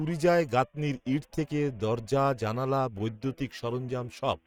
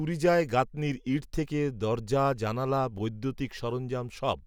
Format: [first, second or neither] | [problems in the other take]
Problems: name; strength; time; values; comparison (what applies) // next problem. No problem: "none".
second | noise reduction (neural mask model RNNoise)